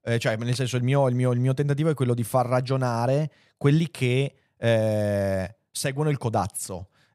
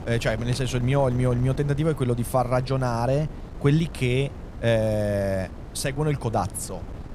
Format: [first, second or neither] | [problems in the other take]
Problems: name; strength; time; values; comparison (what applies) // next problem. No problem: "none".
first | wind noise on the microphone; occasional gusts; 15 dB below the speech